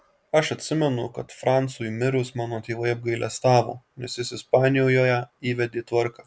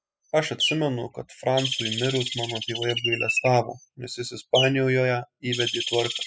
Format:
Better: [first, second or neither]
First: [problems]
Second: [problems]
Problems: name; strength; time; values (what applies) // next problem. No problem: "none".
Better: first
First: none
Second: noise reduction (classical method spectral subtraction)